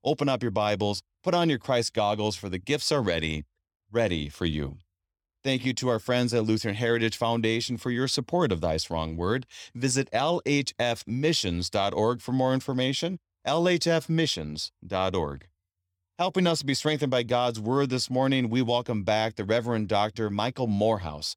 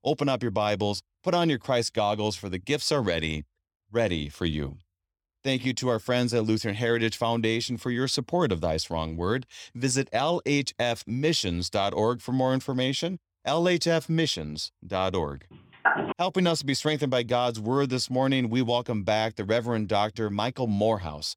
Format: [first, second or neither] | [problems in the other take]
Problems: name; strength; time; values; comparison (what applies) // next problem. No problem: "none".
first | phone ringing; loud; at 16 s; peak 2 dB above the speech